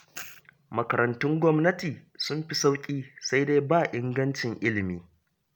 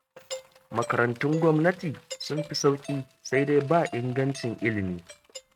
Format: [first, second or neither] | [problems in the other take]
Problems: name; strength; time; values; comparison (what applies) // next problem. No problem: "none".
first | noise reduction (neural mask model RNNoise)